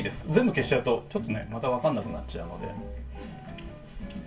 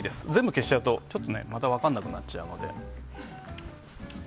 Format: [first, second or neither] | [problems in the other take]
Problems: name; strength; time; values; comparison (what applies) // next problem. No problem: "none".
second | room echo; dies away in 0.2 s